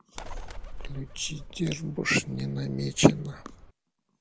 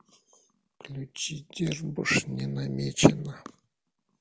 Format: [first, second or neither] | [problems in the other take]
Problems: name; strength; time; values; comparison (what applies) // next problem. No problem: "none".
second | background sound (Bird); 11 dB below the speech